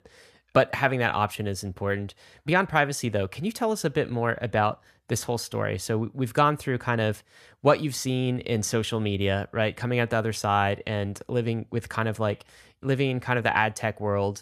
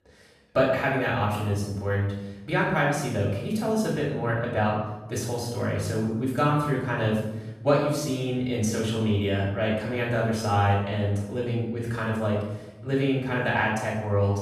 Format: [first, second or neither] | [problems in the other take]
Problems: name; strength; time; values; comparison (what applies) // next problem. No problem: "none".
first | off-mic speech; far // room echo; noticeable; dies away in 1 s